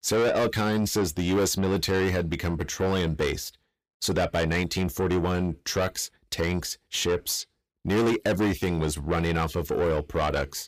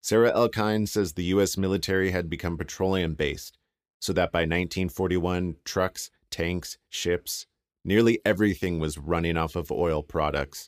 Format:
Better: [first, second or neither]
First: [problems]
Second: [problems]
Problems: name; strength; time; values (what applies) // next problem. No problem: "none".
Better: second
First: distortion; heavy; 7 dB below the speech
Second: none